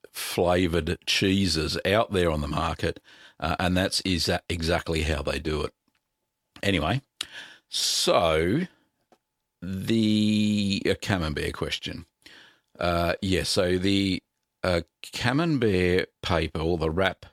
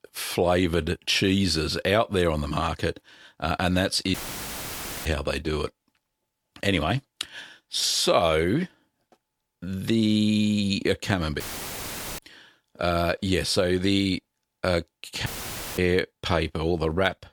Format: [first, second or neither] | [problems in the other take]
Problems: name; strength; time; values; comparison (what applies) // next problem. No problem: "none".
first | audio cutting out; filled with static; at 4 s for 1 s, at 11 s for 1 s and at 15 s for 0.5 s